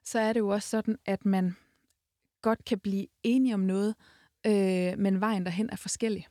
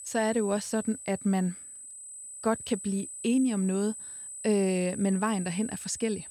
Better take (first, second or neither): first